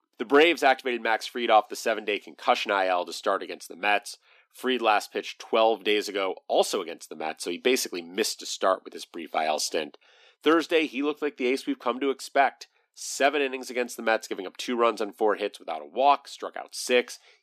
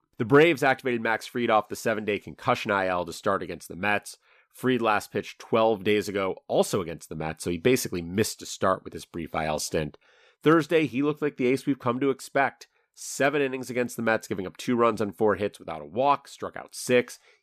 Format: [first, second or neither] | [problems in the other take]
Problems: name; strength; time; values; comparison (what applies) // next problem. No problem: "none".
second | thin; very slightly; fading below 250 Hz